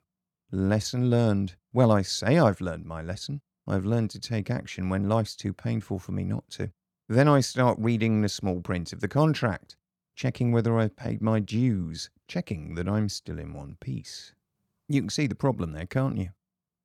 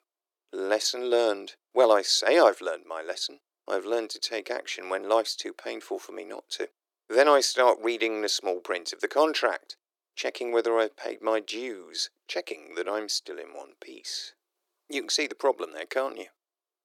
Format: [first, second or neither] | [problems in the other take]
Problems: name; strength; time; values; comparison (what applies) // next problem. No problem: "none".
first | thin; very; fading below 350 Hz